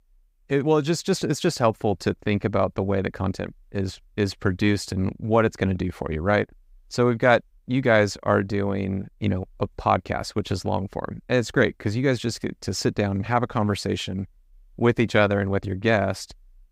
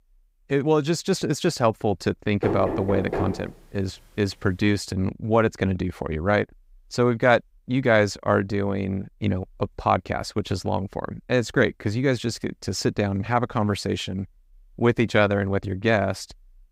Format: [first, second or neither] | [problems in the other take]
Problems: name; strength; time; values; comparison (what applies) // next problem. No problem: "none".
first | door banging; noticeable; from 2.5 to 3.5 s; peak 3 dB below the speech